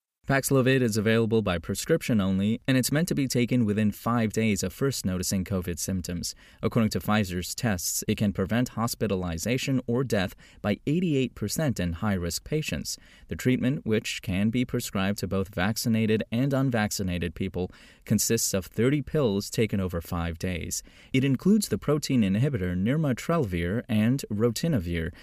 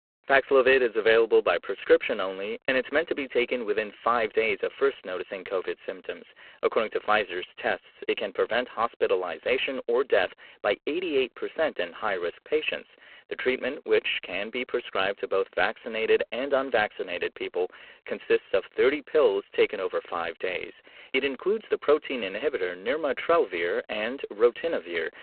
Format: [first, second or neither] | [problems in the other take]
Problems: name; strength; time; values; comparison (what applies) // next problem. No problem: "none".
first | phone-call audio; poor line